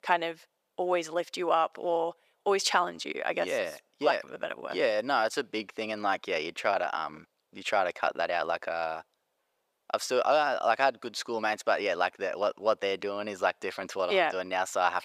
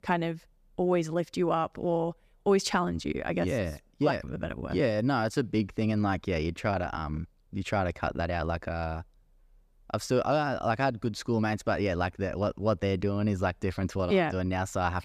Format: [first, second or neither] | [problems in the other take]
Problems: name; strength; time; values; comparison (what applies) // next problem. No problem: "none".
second | thin; very; fading below 600 Hz